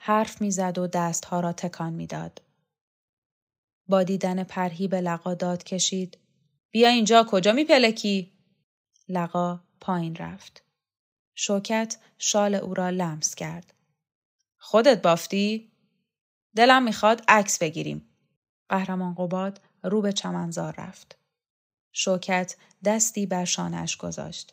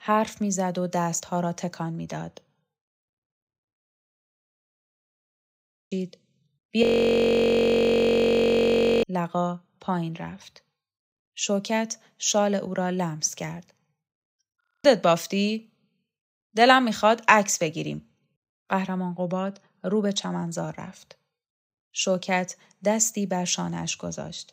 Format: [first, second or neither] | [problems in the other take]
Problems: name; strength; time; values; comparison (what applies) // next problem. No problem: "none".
first | audio freezing; at 4 s for 2 s, at 7 s for 2 s and at 15 s